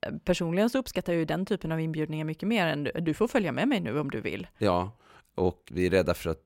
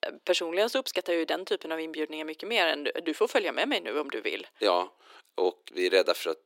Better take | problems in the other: first | thin; somewhat; fading below 300 Hz

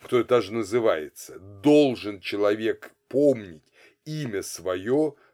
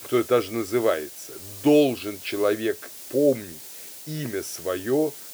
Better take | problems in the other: first | hiss; noticeable; throughout; 15 dB below the speech

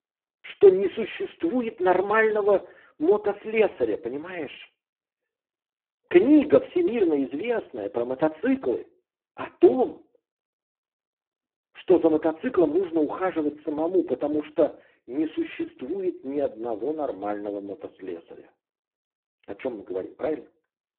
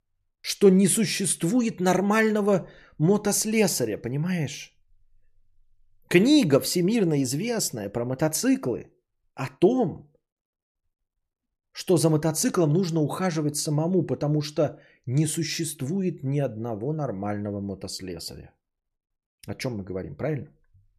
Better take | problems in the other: second | phone-call audio; poor line

